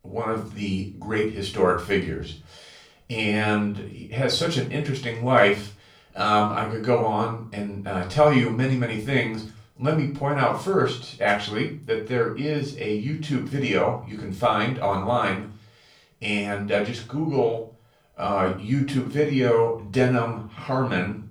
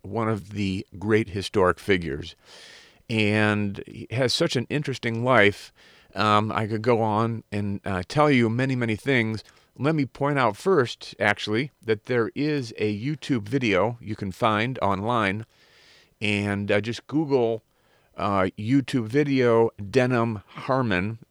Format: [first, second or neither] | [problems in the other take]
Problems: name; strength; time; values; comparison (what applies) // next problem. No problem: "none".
second | off-mic speech; far // room echo; slight; dies away in 0.3 s